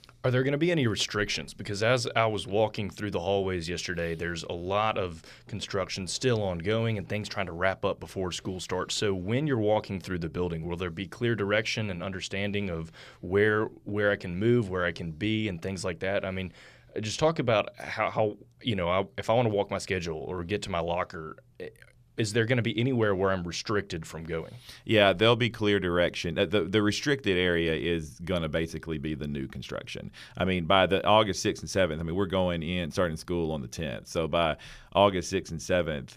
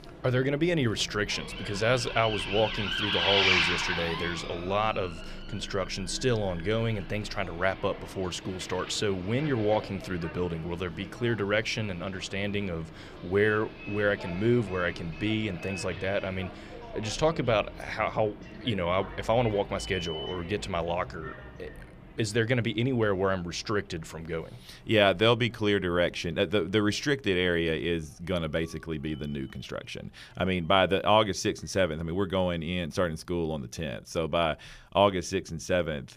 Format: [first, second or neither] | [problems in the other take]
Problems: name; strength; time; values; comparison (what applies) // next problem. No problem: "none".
first | traffic noise; loud; throughout; 6 dB below the speech